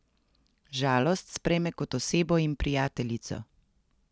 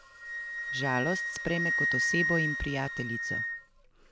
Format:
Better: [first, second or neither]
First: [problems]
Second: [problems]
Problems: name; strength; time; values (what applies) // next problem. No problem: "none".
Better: first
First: none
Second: background sound (Wind instrument, woodwind instrument); 2 dB above the speech